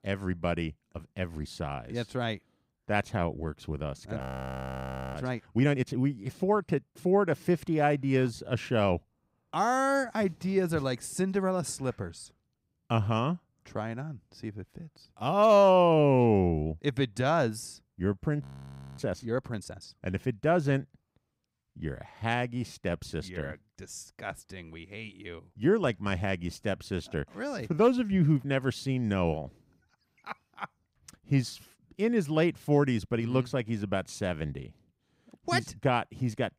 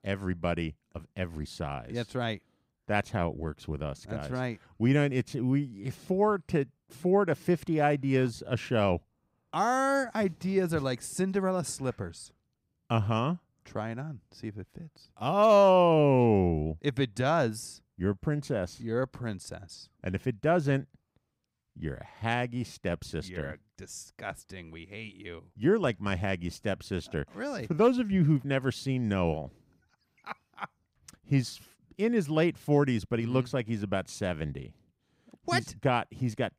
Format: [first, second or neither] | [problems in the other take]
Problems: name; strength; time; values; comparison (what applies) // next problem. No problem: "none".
second | audio freezing; at 4 s for 1 s and at 18 s for 0.5 s